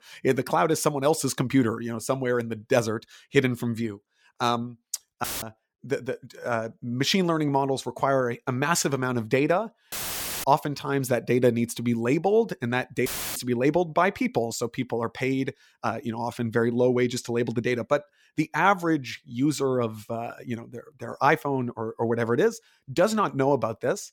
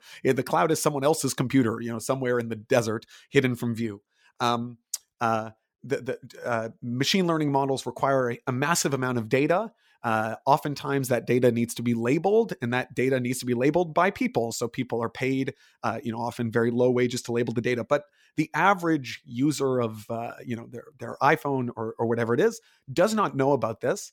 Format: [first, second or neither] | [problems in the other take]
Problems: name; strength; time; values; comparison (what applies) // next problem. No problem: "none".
second | audio cutting out; filled with static; at 5 s, at 10 s for 0.5 s and at 13 s